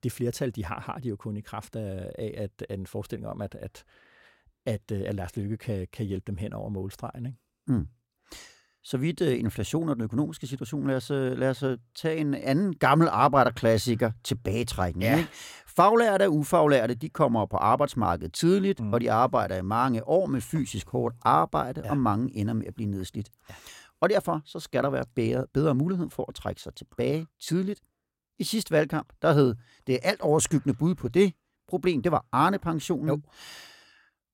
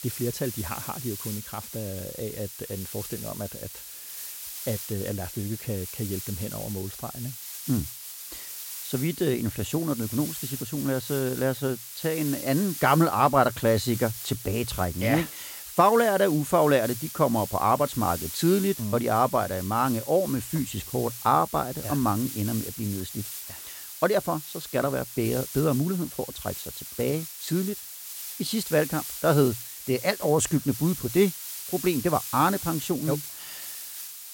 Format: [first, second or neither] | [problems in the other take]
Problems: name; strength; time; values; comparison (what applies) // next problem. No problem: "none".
first | hiss; loud; throughout; 9 dB below the speech